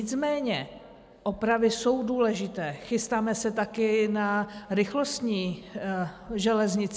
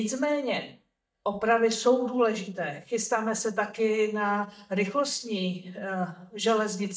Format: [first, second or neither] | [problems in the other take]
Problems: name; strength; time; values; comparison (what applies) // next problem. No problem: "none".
first | noise reduction (neural mask model DeepFilterNet 3)